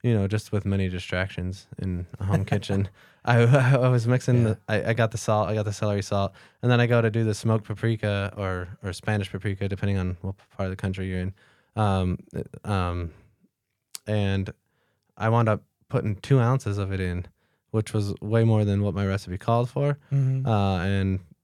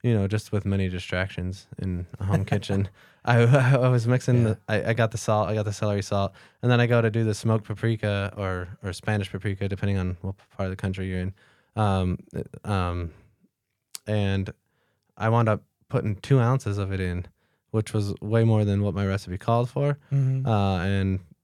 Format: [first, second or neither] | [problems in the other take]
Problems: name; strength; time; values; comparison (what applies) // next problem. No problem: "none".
neither | none